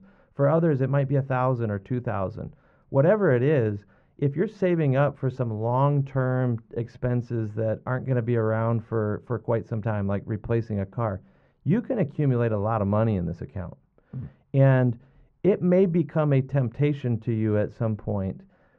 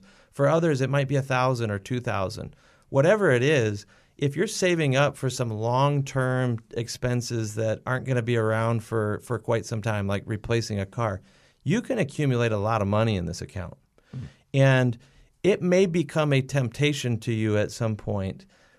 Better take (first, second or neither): second